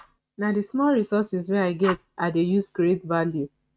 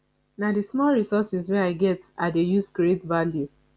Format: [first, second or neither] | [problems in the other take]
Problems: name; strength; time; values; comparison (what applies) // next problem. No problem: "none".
second | noise reduction (neural mask model RNNoise)